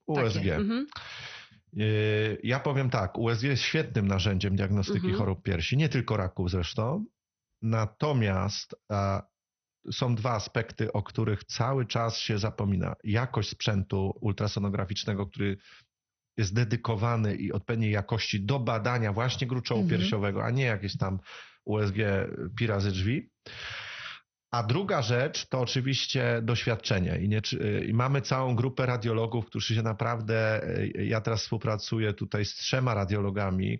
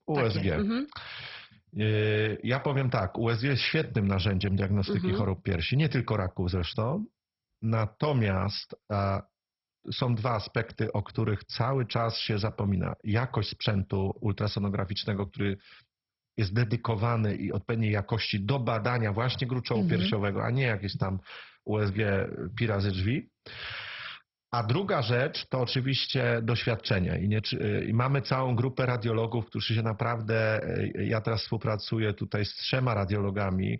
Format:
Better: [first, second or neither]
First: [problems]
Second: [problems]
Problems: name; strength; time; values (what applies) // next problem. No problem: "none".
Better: first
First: garbled, watery; slightly; nothing above 6 kHz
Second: garbled, watery; badly; nothing above 5.5 kHz